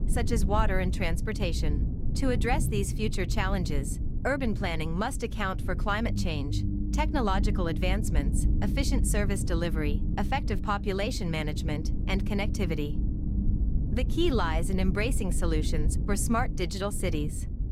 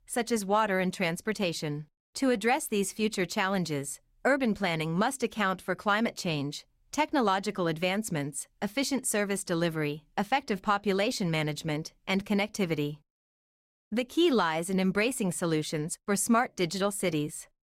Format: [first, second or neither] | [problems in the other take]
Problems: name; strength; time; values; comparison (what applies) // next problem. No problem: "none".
second | low rumble; noticeable; throughout; 10 dB below the speech